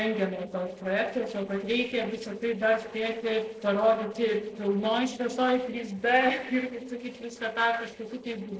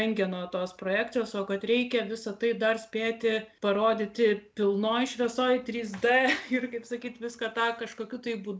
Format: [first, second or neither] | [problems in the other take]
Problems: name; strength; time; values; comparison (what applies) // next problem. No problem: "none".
second | noise reduction (neural separator model SepFormer DNS4)